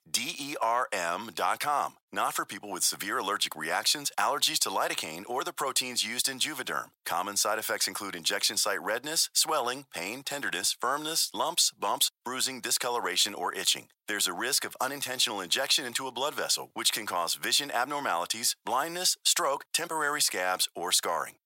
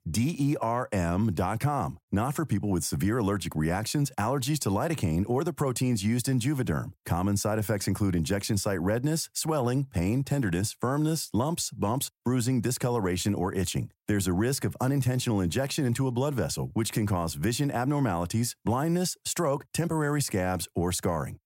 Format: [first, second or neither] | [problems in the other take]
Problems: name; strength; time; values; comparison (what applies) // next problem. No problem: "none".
second | thin; very; fading below 800 Hz